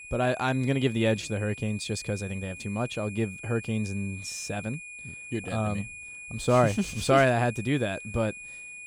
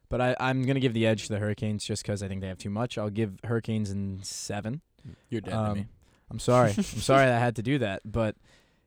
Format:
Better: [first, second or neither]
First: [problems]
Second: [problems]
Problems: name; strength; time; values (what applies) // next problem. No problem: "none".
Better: second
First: high-pitched whine; noticeable; throughout; 2.5 kHz, 10 dB below the speech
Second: none